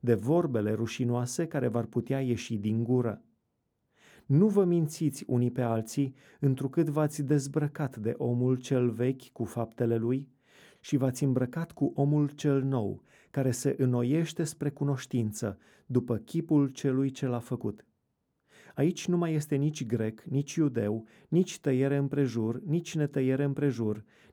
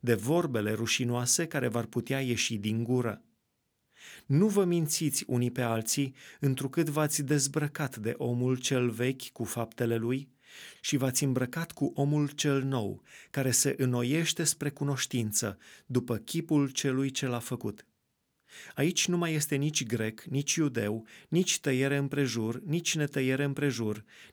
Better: second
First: muffled; slightly; fading above 1.5 kHz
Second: none

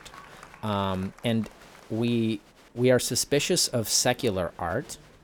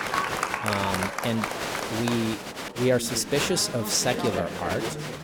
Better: first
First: crowd noise; faint; throughout; 25 dB below the speech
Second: crowd noise; loud; throughout; 3 dB below the speech

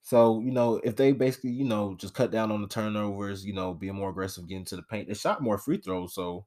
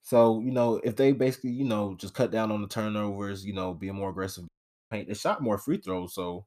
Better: first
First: none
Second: audio cutting out; at 4.5 s

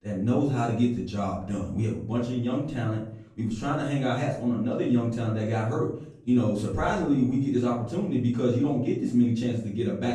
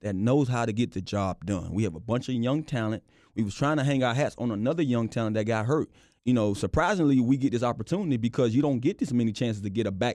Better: second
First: off-mic speech; far // room echo; noticeable; dies away in 0.5 s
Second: none

